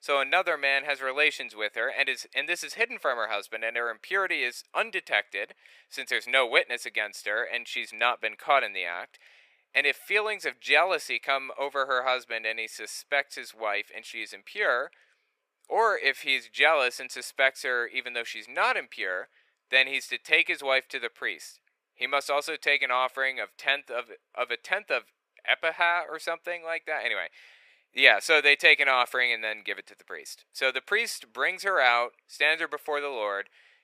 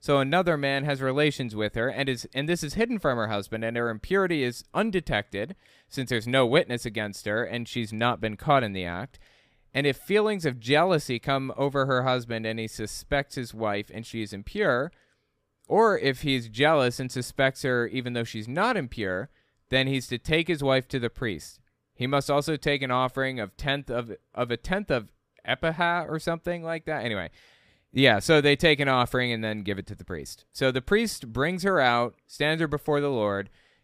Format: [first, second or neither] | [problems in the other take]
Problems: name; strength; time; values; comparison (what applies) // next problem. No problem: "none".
second | thin; very; fading below 550 Hz